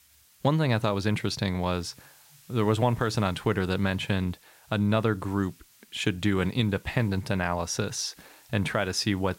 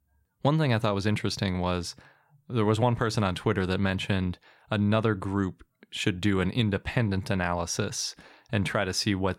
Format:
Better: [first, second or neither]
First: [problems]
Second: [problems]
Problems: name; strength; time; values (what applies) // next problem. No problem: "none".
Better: second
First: hiss; faint; throughout; 30 dB below the speech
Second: none